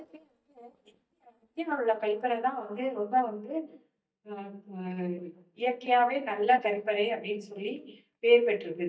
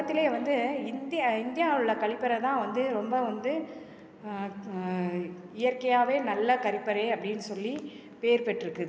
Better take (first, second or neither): second